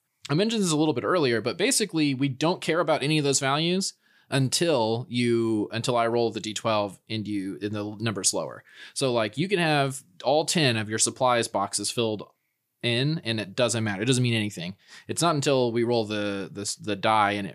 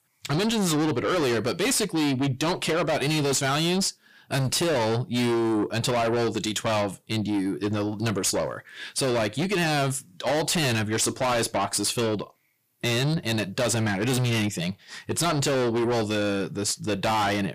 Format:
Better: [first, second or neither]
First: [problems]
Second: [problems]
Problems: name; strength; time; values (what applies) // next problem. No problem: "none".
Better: first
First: none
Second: distortion; heavy; 6 dB below the speech